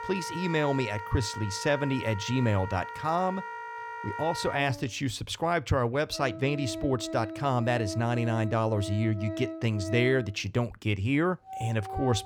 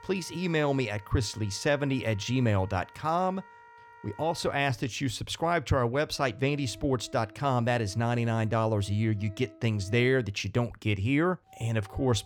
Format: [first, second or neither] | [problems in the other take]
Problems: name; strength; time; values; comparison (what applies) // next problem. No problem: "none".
second | background music; loud; throughout; 9 dB below the speech; faint in the second